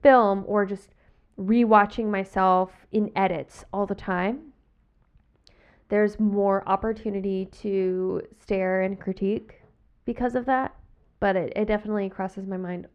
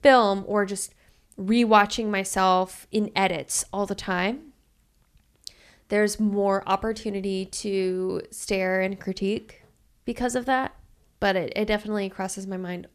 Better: second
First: muffled; very; fading above 4 kHz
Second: none

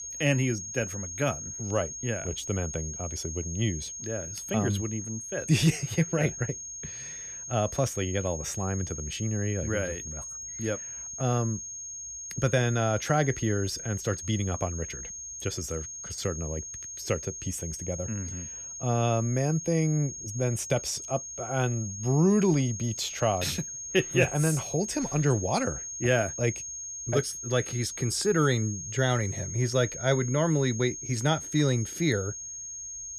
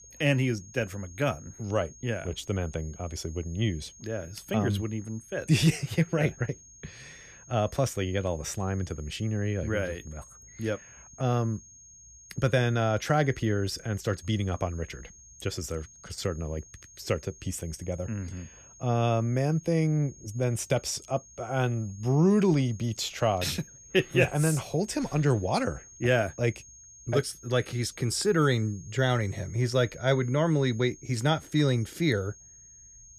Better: second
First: high-pitched whine; loud; throughout; 6.5 kHz, 7 dB below the speech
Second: high-pitched whine; faint; throughout; 6.5 kHz, 20 dB below the speech

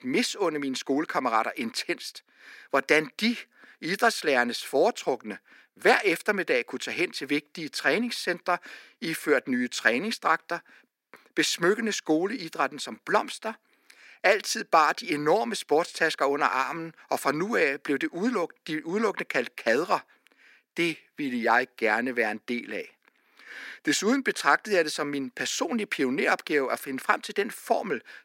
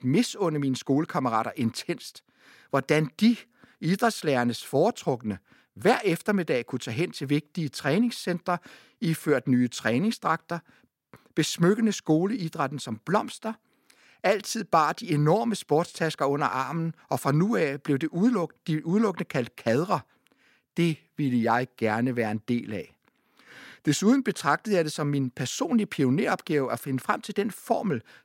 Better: second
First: thin; somewhat; fading below 300 Hz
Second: none

